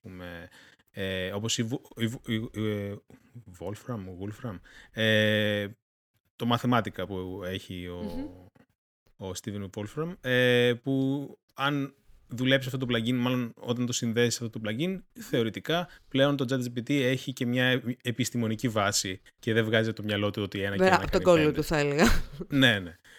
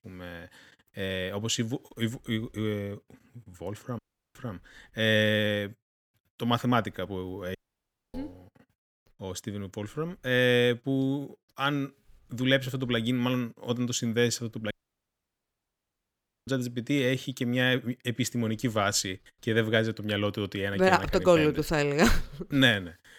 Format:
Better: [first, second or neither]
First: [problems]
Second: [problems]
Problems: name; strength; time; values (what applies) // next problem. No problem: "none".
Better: first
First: none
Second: audio cutting out; at 4 s, at 7.5 s for 0.5 s and at 15 s for 2 s